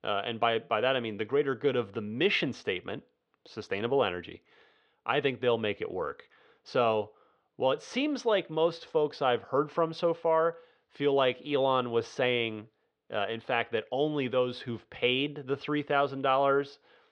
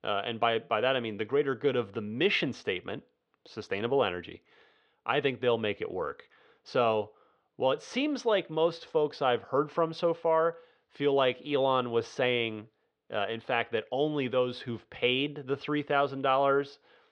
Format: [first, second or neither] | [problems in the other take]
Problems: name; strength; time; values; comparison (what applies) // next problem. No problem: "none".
neither | muffled; slightly; fading above 3.5 kHz; the same in both